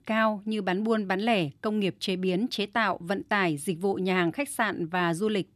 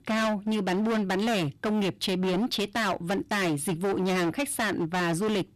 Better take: first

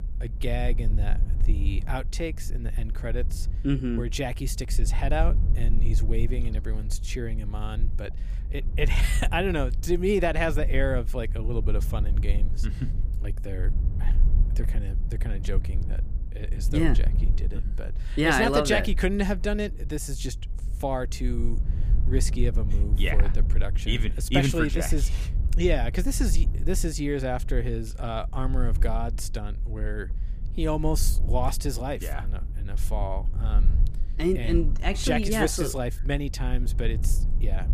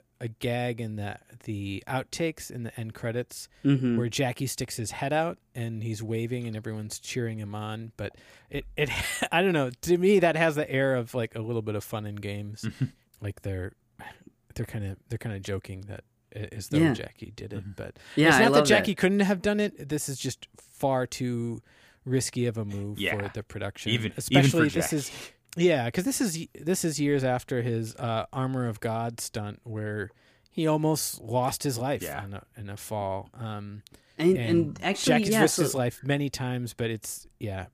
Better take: second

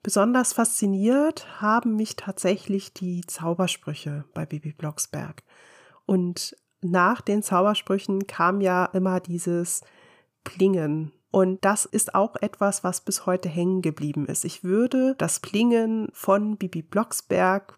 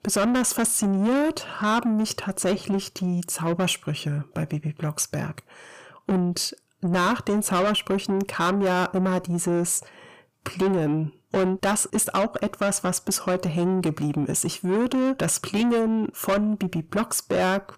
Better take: first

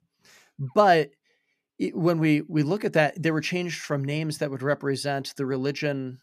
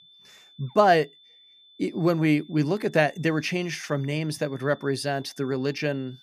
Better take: first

